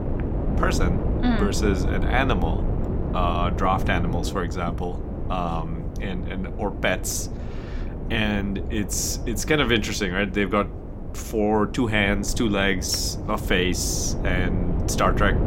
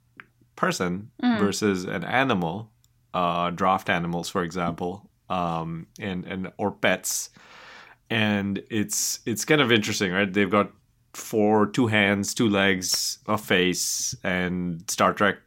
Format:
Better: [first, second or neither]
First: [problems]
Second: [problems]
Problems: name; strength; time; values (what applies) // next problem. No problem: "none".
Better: second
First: wind noise on the microphone; occasional gusts; 10 dB below the speech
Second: none